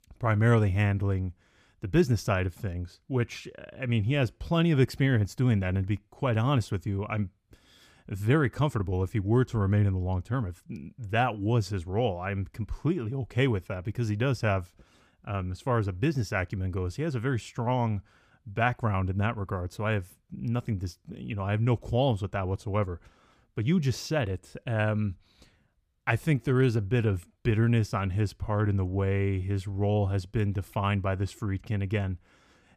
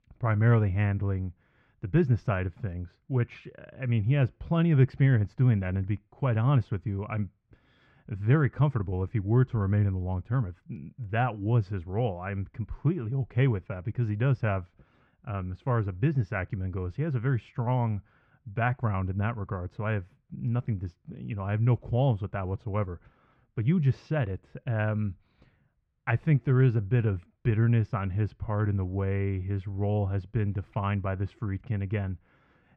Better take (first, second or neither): first